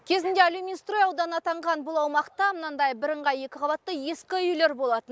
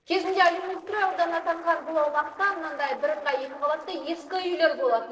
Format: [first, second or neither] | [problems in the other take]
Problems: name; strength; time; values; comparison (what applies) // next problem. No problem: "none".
first | noise reduction (neural separator model SepFormer DNS4)